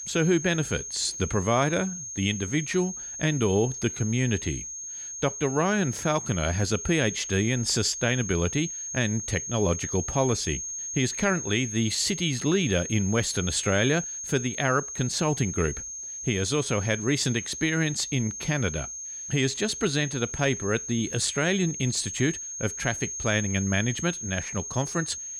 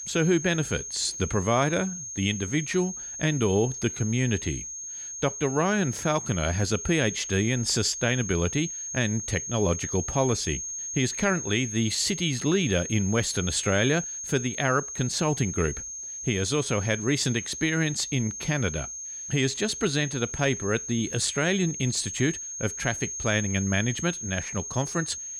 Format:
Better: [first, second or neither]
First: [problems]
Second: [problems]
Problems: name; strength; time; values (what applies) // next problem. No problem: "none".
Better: neither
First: high-pitched whine; loud; throughout; 6.5 kHz, 6 dB below the speech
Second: high-pitched whine; loud; throughout; 6.5 kHz, 6 dB below the speech